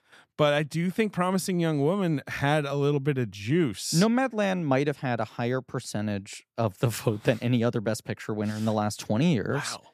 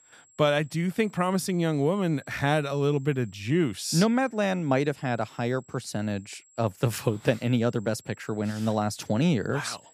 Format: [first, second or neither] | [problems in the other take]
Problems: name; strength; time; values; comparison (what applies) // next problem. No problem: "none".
first | high-pitched whine; faint; throughout; 7.5 kHz, 30 dB below the speech